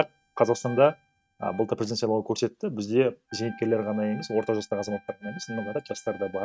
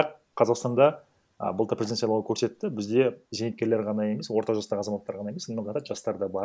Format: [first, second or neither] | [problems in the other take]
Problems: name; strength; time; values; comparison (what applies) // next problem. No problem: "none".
second | noise reduction (neural mask model RNNoise)